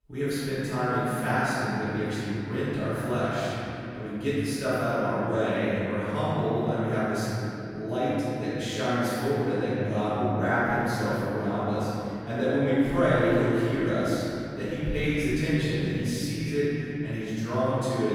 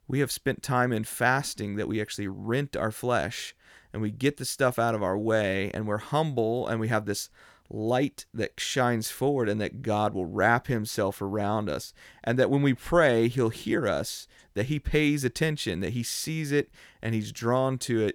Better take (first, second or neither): second